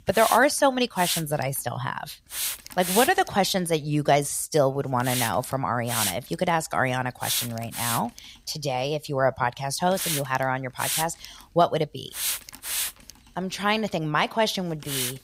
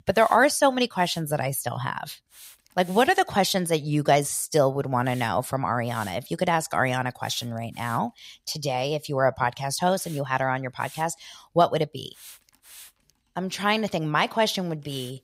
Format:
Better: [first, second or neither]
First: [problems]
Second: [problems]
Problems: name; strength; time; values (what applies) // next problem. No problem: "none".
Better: second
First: hiss; loud; throughout; 4 dB below the speech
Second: hiss; faint; throughout; 20 dB below the speech